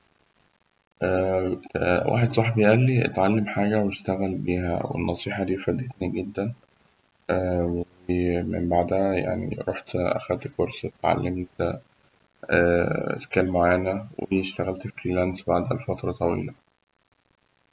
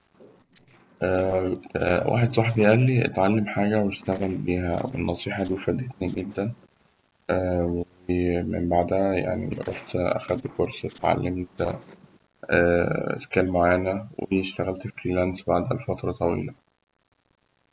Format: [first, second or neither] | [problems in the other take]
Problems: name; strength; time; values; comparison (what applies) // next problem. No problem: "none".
first | noise reduction (neural separator model SepFormer DNS4)